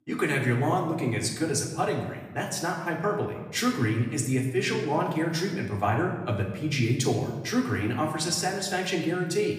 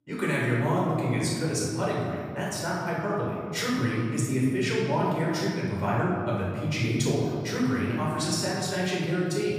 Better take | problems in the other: first | room echo; strong; dies away in 2.2 s; slight in the first // off-mic speech; far; far in the first

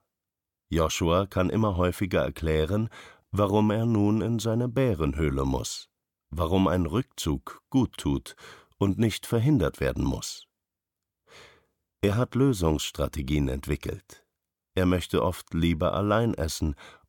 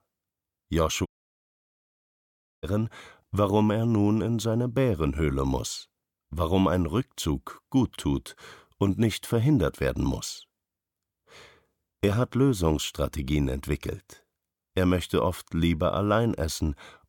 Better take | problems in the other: first | audio cutting out; at 1 s for 1.5 s

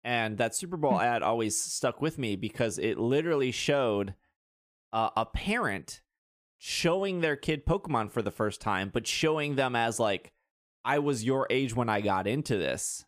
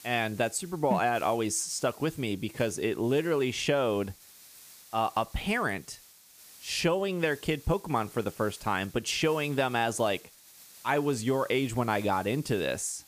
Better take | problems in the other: first | hiss; faint; throughout; 20 dB below the speech

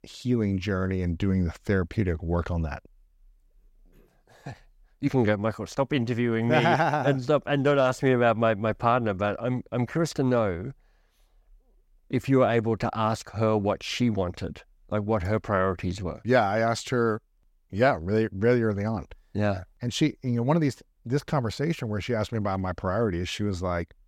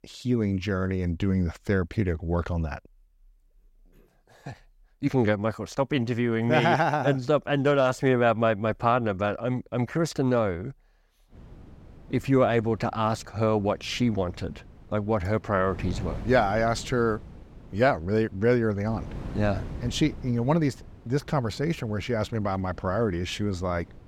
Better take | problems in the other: first | wind noise on the microphone; occasional gusts; from 11 s on; 25 dB below the speech

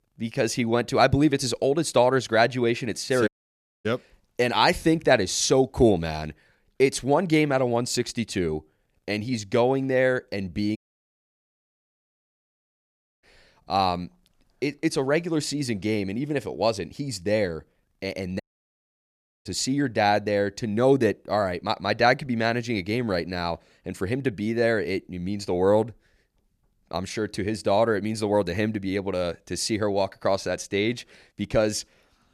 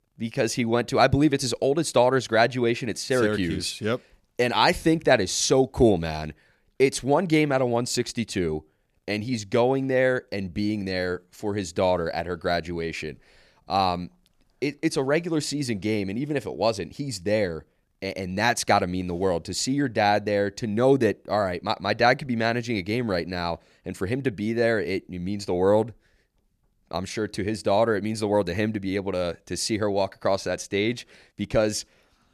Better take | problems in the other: second | audio cutting out; at 3.5 s for 0.5 s, at 11 s for 2.5 s and at 18 s for 1 s

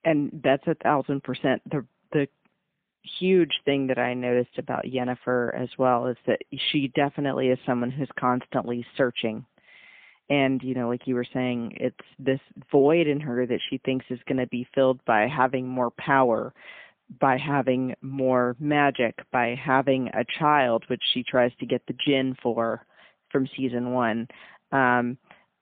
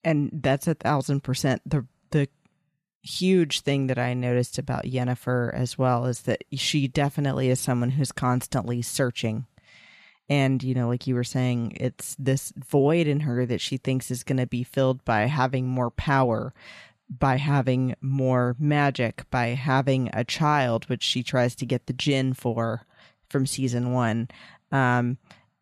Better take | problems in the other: second | phone-call audio; poor line; nothing above 3.5 kHz

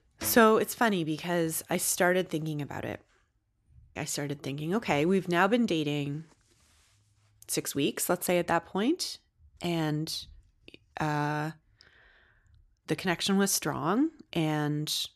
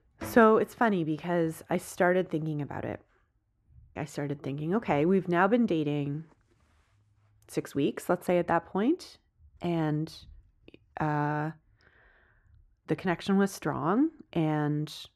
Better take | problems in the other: first | muffled; slightly; fading above 2.5 kHz

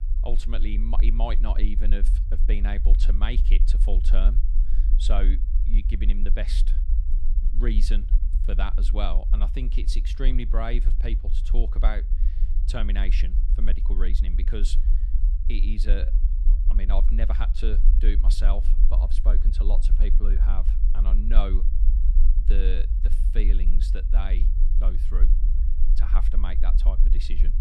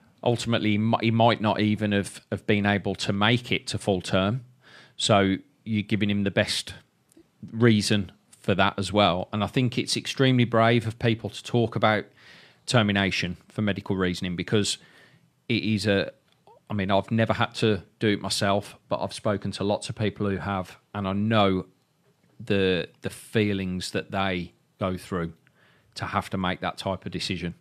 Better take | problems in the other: second | low rumble; noticeable; throughout; 10 dB below the speech

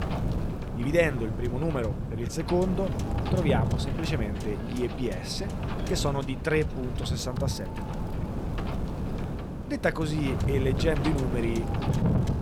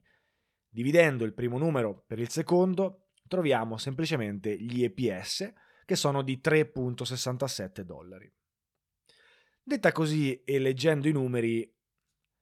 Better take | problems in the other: second | wind noise on the microphone; heavy; 6 dB below the speech

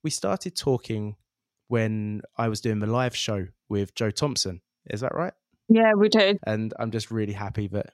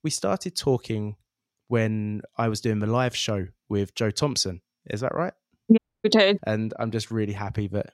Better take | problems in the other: first | audio cutting out; at 6 s

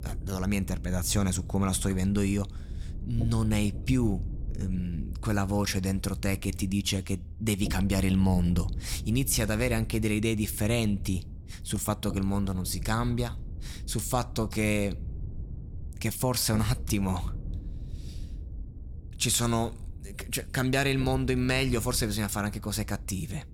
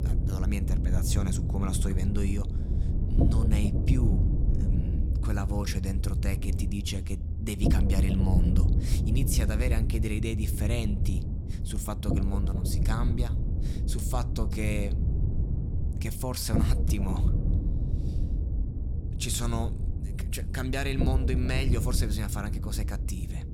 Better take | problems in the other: first | low rumble; loud; throughout; 5 dB below the speech; faint in the first

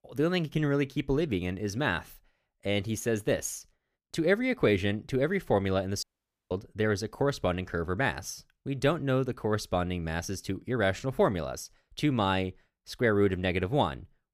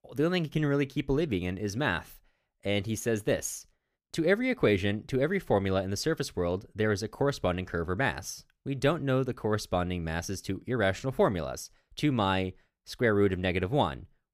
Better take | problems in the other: second | audio cutting out; at 6 s

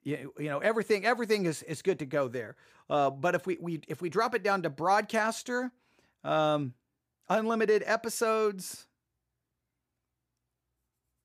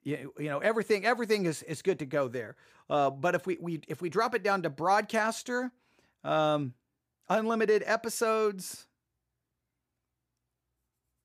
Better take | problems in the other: neither | none

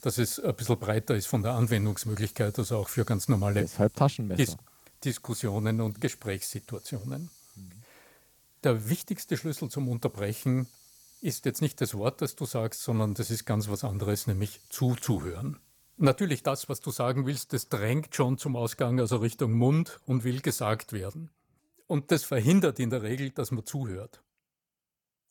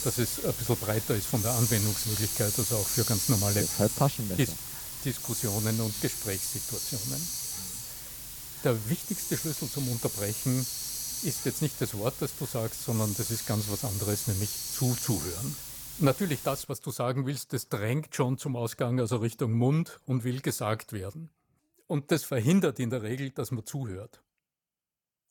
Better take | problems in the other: first | hiss; loud; until 17 s; 2 dB below the speech; faint in the first

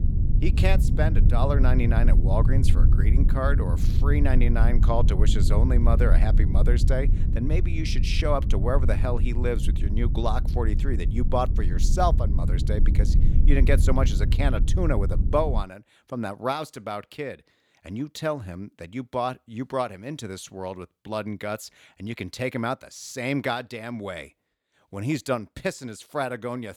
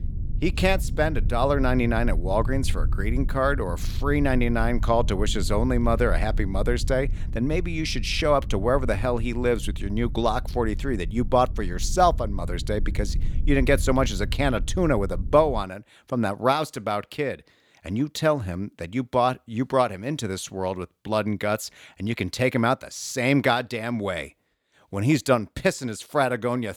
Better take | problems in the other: second | low rumble; loud; until 16 s; 9 dB below the speech; faint in the second

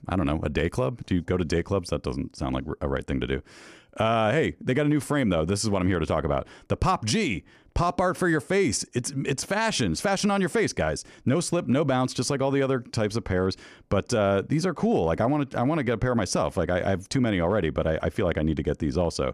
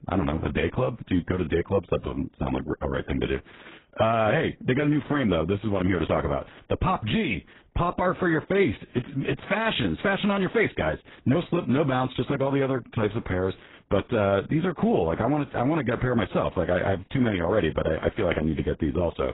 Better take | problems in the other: first | garbled, watery; badly; nothing above 4 kHz

